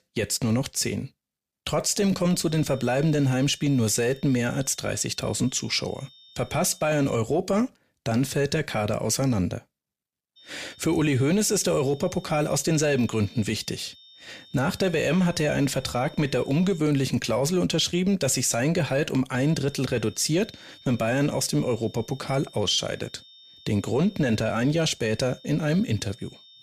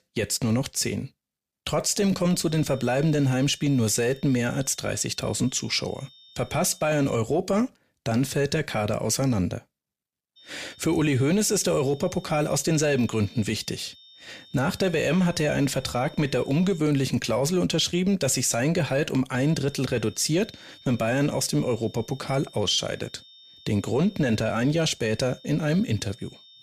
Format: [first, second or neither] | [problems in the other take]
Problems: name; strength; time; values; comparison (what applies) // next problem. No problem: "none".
neither | high-pitched whine; faint; from 2.5 to 7 s, from 10 to 17 s and from 19 s on; 3.5 kHz, 25 dB below the speech; the same in both